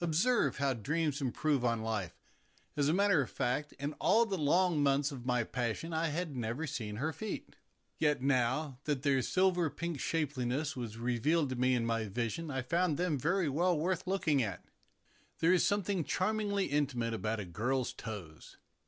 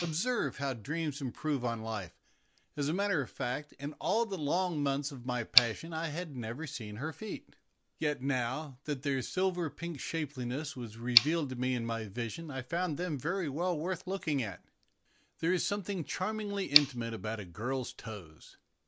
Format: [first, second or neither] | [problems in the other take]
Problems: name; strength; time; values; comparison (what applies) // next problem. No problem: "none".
first | background sound (Tick); 6 dB below the speech